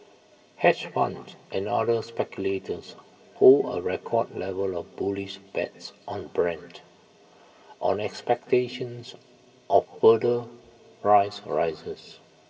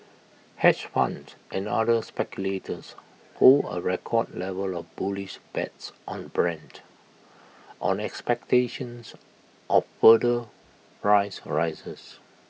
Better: second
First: room echo; dies away in 1.8 s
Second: none

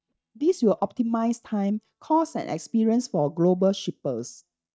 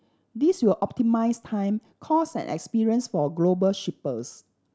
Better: second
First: noise reduction (neural mask model DeepFilterNet 3)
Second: none

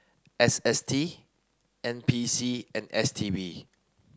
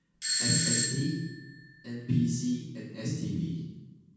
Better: first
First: none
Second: background sound (Doorbell); as loud as the speech // room echo; dies away in 1.2 s

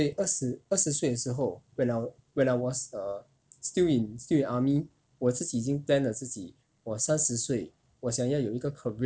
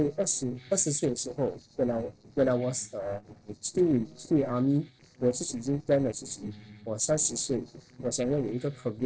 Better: first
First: none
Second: noise reduction (neural separator model SepFormer DNS4)

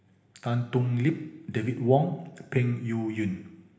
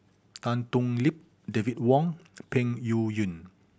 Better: second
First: room echo; dies away in 1.1 s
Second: none

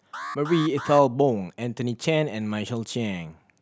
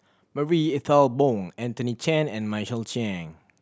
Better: second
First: background sound (Alarm); 13 dB below the speech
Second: none

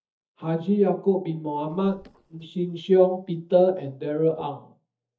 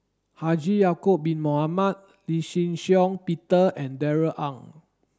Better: second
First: noise reduction (neural mask model DeepFilterNet 3)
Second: none

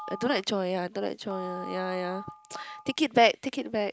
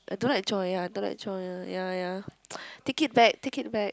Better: second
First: noise reduction (neural mask model RNNoise)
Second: none

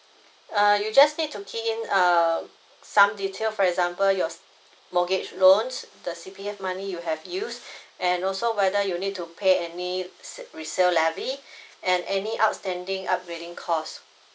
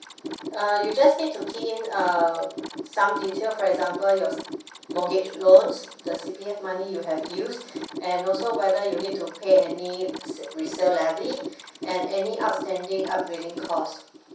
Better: first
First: none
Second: background sound (Mechanisms); 12 dB below the speech // room echo; dies away in 0.6 s

